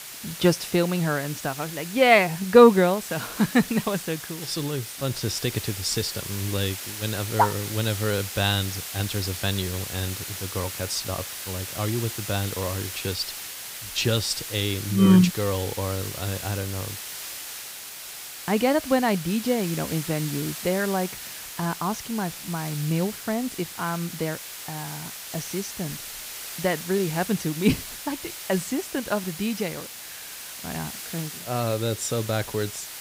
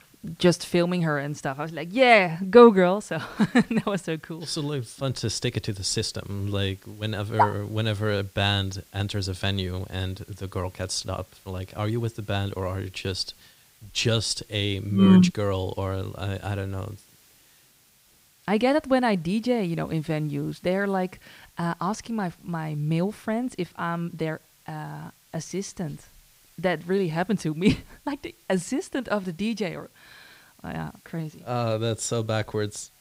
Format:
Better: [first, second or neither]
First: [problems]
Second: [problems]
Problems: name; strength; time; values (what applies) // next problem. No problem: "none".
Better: second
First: hiss; loud; throughout; 9 dB below the speech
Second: hiss; faint; throughout; 30 dB below the speech